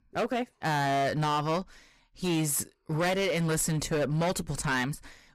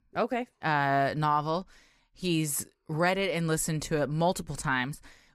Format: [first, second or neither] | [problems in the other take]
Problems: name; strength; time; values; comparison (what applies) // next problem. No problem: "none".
second | distortion; heavy; 15% of the sound clipped